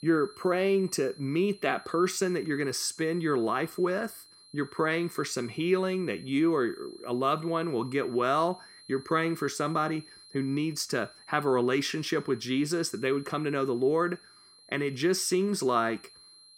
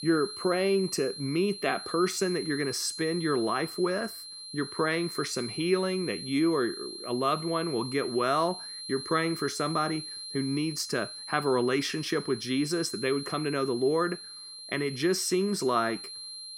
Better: first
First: high-pitched whine; faint; throughout; 4 kHz, 25 dB below the speech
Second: high-pitched whine; loud; throughout; 4 kHz, 9 dB below the speech

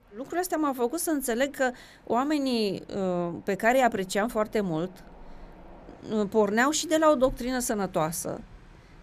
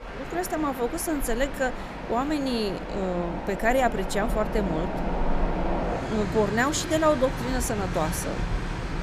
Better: first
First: train or aircraft noise; faint; throughout; 25 dB below the speech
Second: train or aircraft noise; loud; throughout; 5 dB below the speech

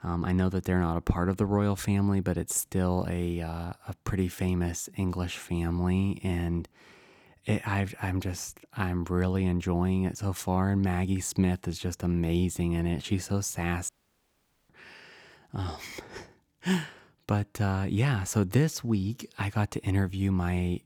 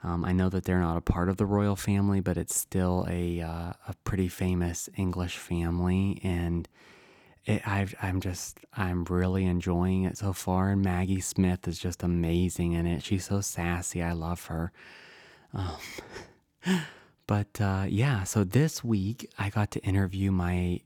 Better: second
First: audio cutting out; at 14 s for 1 s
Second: none

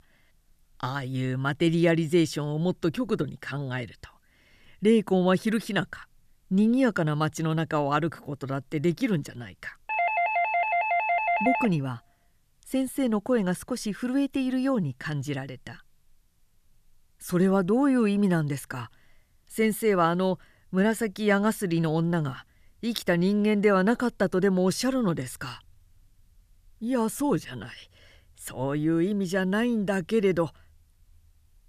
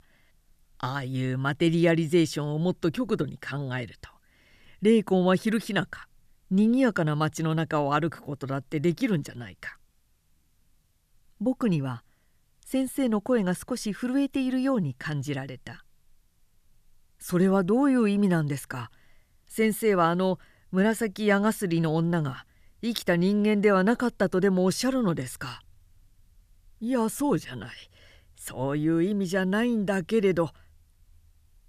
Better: second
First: doorbell; loud; from 10 to 12 s; peak 2 dB above the speech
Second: none

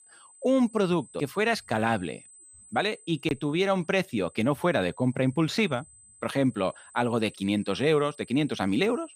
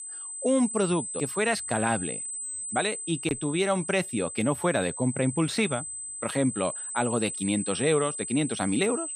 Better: first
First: high-pitched whine; faint; throughout; 8 kHz, 25 dB below the speech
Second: high-pitched whine; loud; throughout; 8 kHz, 6 dB below the speech

